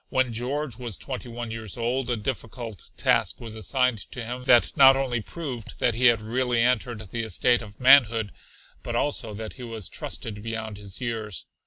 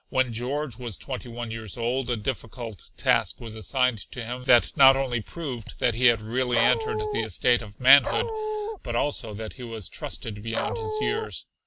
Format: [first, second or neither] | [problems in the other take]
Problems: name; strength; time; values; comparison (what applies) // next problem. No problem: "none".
first | background sound (Dog); 2 dB below the speech